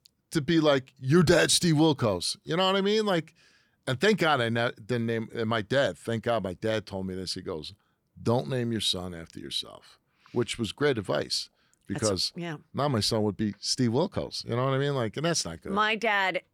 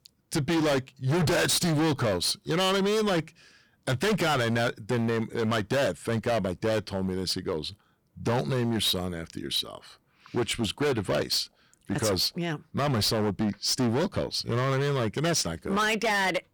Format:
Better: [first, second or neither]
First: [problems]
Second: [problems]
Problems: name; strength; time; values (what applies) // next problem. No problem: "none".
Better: first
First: none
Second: distortion; heavy; 20% of the sound clipped